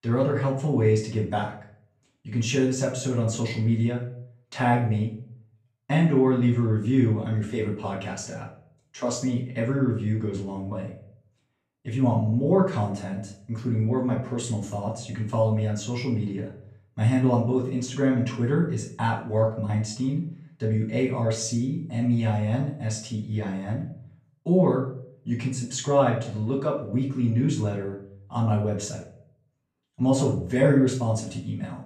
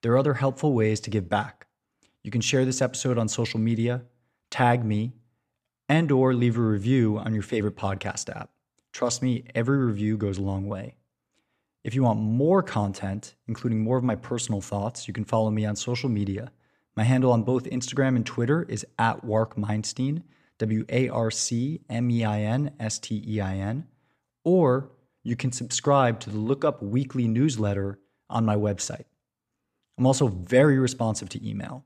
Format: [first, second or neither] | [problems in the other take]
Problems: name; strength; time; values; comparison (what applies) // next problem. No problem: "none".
second | off-mic speech; far // room echo; noticeable; dies away in 0.4 s